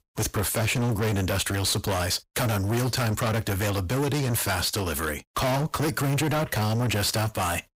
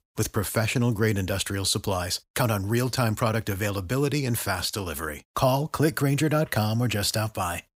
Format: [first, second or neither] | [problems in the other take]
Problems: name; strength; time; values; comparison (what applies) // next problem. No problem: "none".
second | distortion; heavy; 30% of the sound clipped